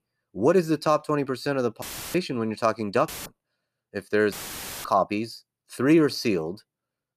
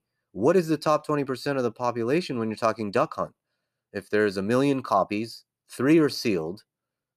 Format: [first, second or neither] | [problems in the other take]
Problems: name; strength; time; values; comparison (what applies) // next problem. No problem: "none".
second | audio cutting out; filled with static; at 2 s, at 3 s and at 4.5 s for 0.5 s